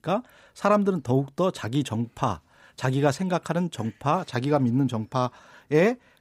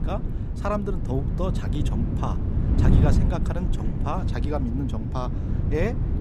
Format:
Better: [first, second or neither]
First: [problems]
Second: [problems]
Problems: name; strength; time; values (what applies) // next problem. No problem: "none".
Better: first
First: none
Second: wind noise on the microphone; heavy; 4 dB below the speech